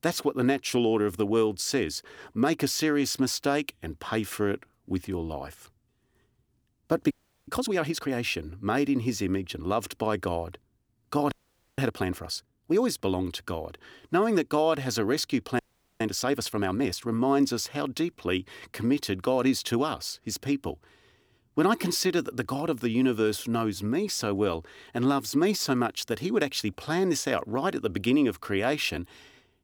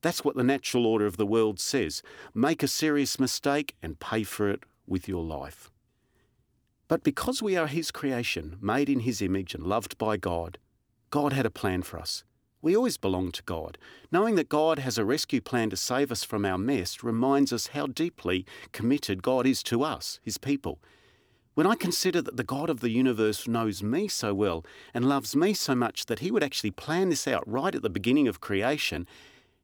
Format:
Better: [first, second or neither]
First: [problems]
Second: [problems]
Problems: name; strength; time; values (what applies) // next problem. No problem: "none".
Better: second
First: audio freezing; at 7 s, at 11 s and at 16 s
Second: none